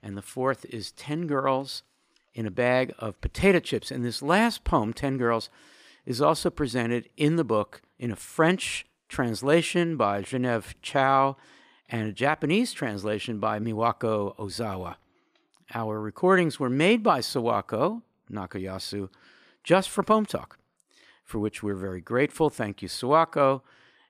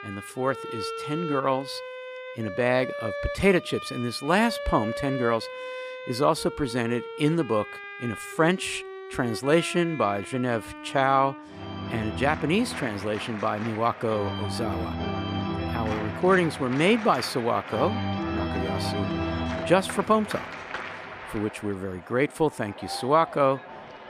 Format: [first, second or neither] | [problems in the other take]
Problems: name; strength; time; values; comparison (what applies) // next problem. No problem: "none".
first | background music; loud; throughout; 8 dB below the speech